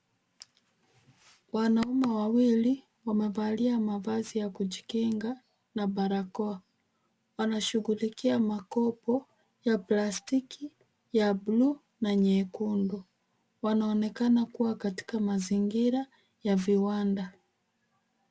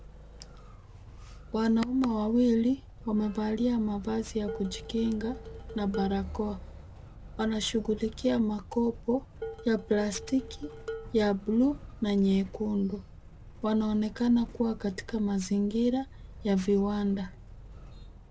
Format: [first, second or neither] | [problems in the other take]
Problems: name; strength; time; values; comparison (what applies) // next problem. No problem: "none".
first | background sound (Dishes, pots, and pans + Motor vehicle (road)); 14 dB below the speech